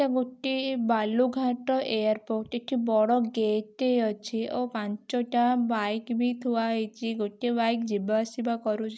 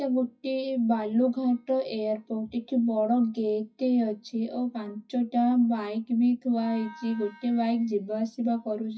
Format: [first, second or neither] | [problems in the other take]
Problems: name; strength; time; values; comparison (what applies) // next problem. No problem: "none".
first | noise reduction (classical method WPE with log-MMSE)